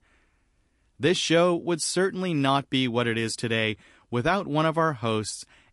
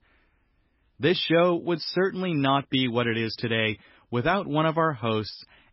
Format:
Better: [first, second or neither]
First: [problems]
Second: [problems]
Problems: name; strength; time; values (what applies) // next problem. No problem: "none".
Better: first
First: garbled, watery; slightly; nothing above 11 kHz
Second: garbled, watery; badly; nothing above 5.5 kHz